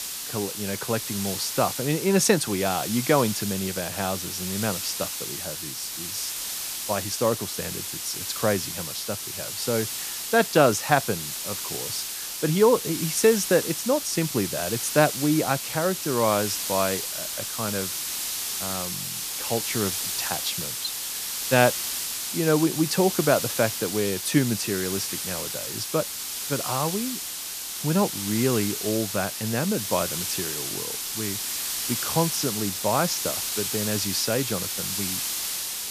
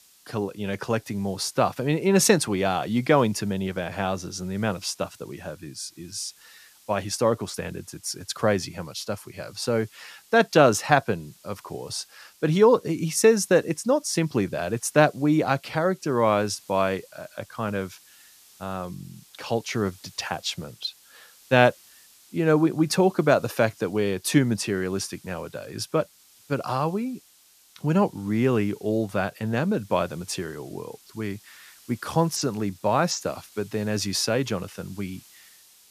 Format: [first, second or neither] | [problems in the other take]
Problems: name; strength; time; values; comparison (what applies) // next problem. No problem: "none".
second | hiss; loud; throughout; 2 dB below the speech; faint in the second